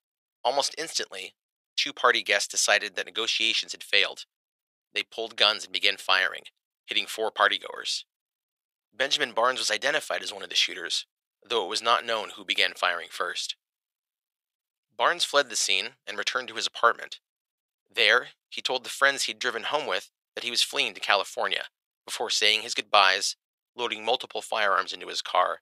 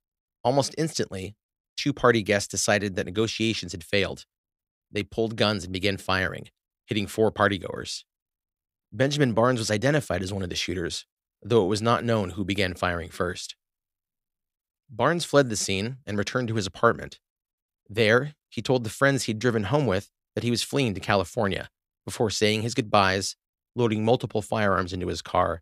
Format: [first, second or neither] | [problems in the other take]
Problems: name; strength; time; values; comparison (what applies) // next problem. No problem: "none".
second | thin; very; fading below 800 Hz